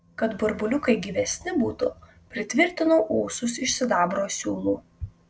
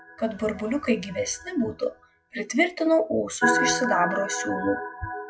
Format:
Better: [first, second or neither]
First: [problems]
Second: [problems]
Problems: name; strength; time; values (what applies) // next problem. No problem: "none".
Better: first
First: none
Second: noise reduction (classical method log-MMSE)